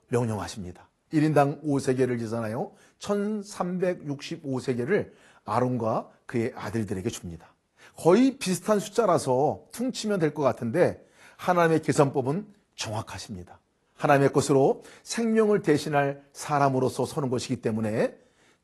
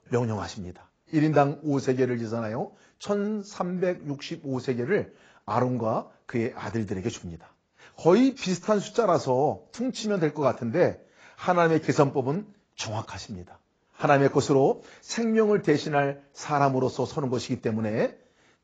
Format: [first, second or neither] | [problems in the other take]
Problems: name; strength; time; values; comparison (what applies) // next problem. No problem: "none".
first | garbled, watery; badly; nothing above 7.5 kHz; slightly in the first